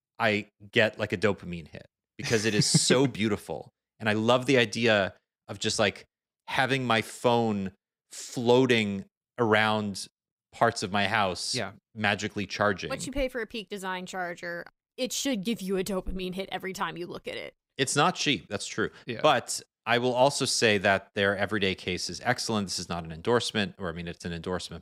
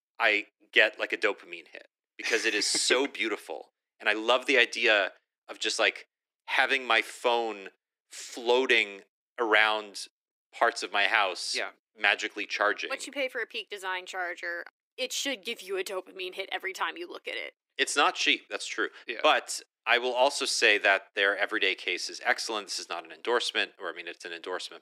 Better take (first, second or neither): first